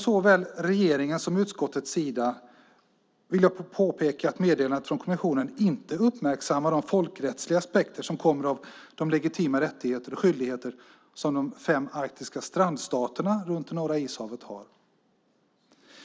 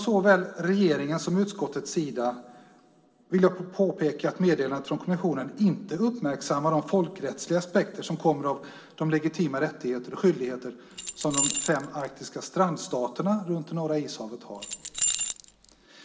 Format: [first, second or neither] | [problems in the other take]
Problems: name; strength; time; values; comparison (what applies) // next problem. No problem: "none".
first | background sound (Keys jangling); 4 dB below the speech // room echo; dies away in 2.9 s